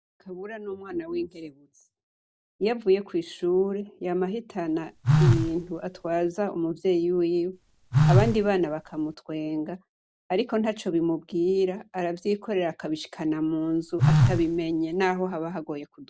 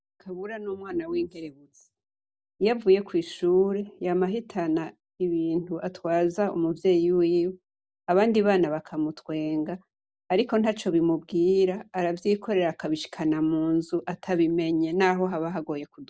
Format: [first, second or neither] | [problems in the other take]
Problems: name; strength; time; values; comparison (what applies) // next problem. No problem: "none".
second | background sound (Telephone); 3 dB above the speech